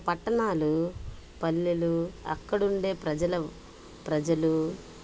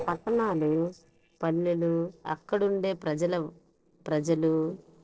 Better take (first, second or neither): first